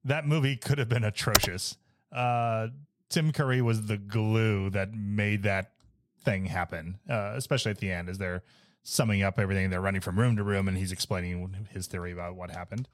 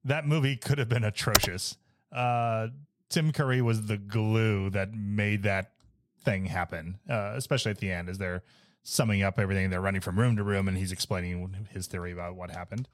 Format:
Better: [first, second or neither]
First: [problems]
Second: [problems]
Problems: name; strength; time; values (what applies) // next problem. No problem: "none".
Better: neither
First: keyboard typing; loud; at 1.5 s; peak 4 dB above the speech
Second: keyboard typing; loud; at 1.5 s; peak 4 dB above the speech